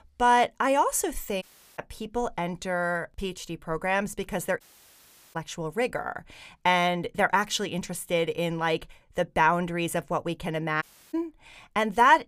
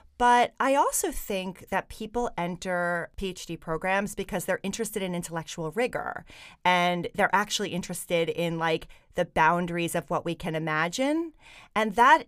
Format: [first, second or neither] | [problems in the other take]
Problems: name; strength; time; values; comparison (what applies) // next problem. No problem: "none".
second | audio cutting out; at 1.5 s, at 4.5 s for 1 s and at 11 s